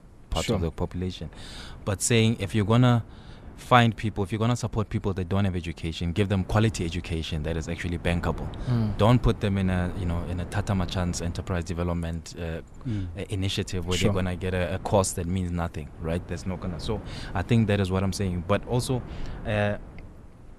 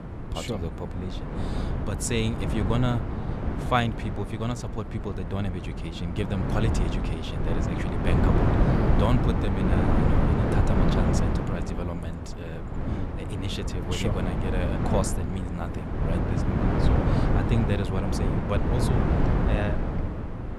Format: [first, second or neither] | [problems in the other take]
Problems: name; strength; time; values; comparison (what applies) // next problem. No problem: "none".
first | wind noise on the microphone; heavy; 1 dB above the speech; occasional gusts in the first